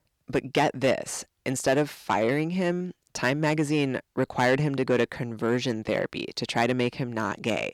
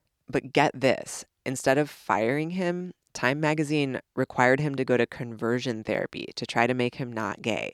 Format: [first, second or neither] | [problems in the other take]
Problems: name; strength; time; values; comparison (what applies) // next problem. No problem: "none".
second | distortion; slight; 10 dB below the speech